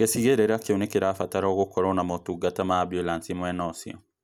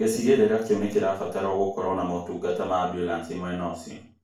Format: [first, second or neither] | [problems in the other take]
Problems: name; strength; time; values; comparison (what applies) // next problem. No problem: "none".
first | room echo; dies away in 0.4 s